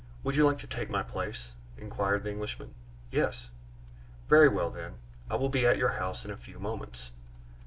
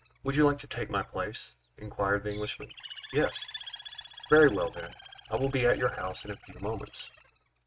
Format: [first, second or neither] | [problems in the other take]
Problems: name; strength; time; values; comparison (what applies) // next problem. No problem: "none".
first | noise reduction (neural mask model RNNoise)